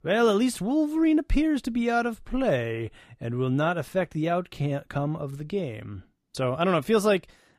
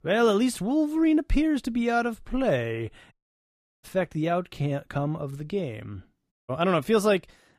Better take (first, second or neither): first